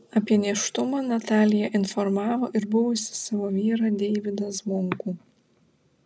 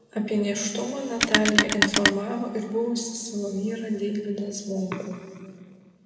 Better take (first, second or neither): first